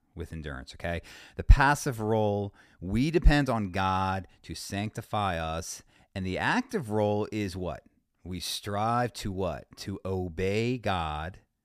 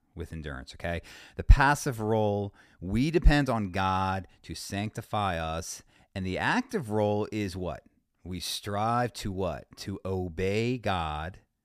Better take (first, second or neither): neither